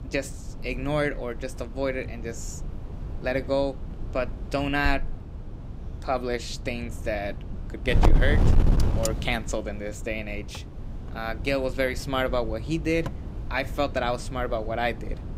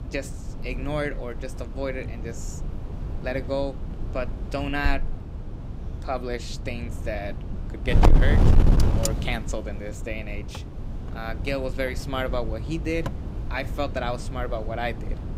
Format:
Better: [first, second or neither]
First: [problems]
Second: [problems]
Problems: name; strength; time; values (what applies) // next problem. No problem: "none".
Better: first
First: wind noise on the microphone; occasional gusts; 10 dB below the speech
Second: wind noise on the microphone; heavy; 7 dB below the speech